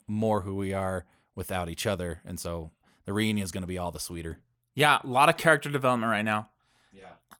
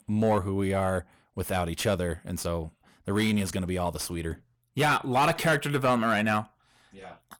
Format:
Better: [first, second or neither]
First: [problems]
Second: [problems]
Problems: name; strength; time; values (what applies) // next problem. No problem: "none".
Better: first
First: none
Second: distortion; heavy; 7 dB below the speech